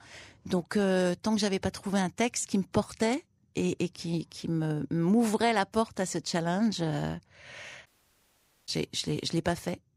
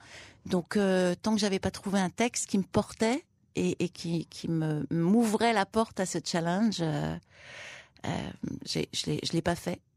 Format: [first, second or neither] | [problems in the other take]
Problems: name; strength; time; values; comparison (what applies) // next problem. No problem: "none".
second | audio cutting out; at 8 s for 1 s